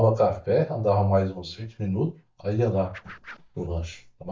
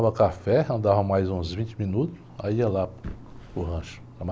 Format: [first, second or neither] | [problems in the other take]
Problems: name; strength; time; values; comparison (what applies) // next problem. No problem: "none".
second | noise reduction (neural mask model DeepFilterNet 3)